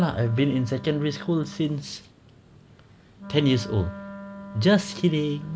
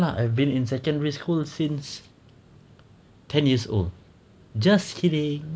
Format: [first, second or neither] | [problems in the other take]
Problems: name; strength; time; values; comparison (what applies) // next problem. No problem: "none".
second | background sound (Wind instrument, woodwind instrument); 15 dB below the speech